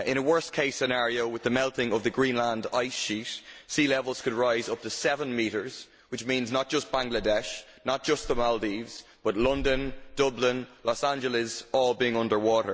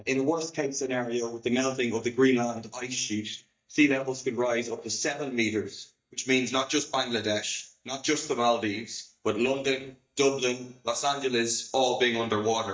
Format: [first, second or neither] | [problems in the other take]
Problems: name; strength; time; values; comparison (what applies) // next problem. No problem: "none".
first | noise reduction (neural mask model DeepFilterNet 3)